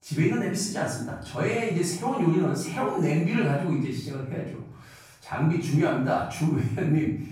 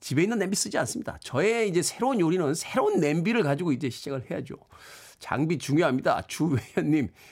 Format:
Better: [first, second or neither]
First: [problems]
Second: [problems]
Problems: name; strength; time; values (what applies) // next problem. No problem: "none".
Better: second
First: off-mic speech; far // room echo; noticeable; dies away in 0.7 s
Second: none